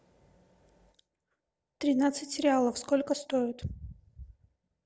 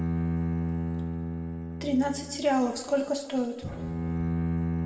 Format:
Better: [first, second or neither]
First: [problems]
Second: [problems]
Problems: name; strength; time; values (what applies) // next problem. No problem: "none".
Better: first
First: none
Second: background sound (Bowed string instrument); as loud as the speech // room echo; dies away in 1.7 s